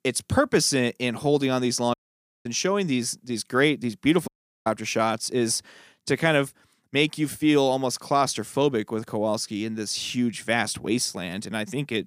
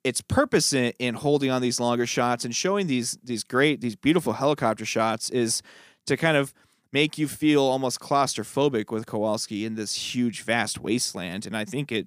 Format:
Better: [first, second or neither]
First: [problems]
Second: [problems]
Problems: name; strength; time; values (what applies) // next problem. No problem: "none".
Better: second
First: audio cutting out; at 2 s for 0.5 s and at 4.5 s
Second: none